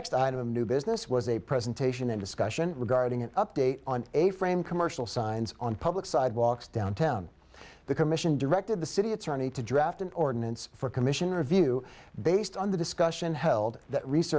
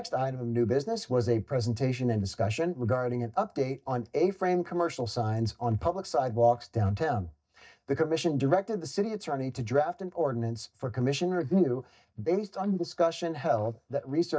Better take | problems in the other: first | noise reduction (neural mask model DeepFilterNet 3)

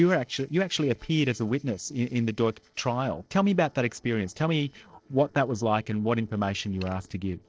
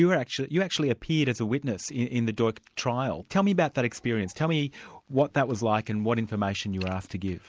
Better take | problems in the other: second | noise reduction (neural separator model SepFormer DNS4)

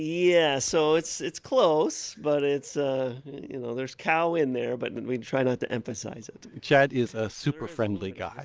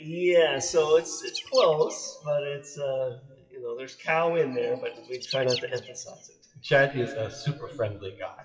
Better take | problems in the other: first | noise reduction (classical method WPE with log-MMSE)

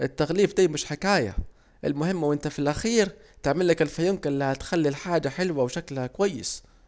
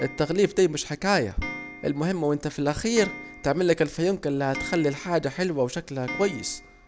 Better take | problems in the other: first | background sound (Clock); 15 dB below the speech

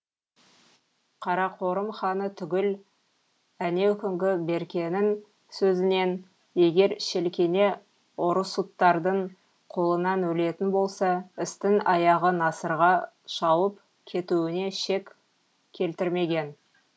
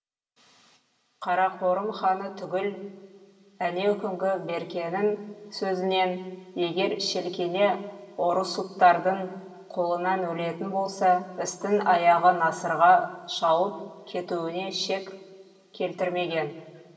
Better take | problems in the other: first | room echo; dies away in 1.9 s

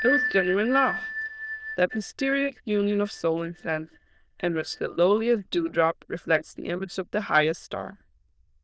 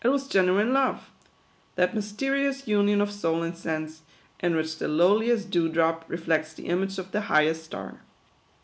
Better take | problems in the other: second | noise reduction (neural diffusion model UNIVERSE++)

